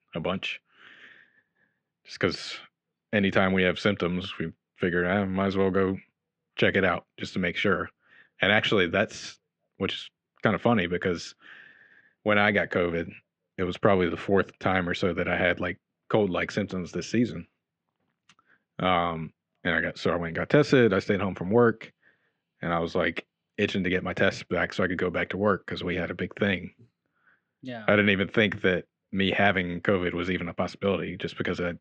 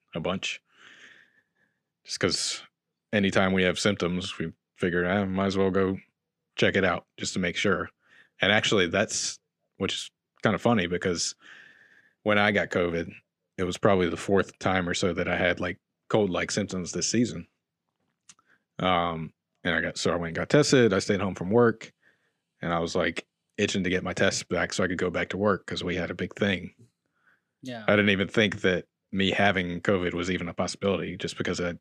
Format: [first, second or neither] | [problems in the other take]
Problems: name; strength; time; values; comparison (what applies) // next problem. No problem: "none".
second | muffled; slightly; fading above 2.5 kHz